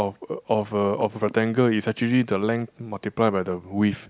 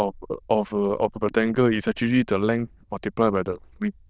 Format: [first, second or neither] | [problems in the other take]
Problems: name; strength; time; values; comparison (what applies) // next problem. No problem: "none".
first | noise reduction (neural diffusion model UNIVERSE++)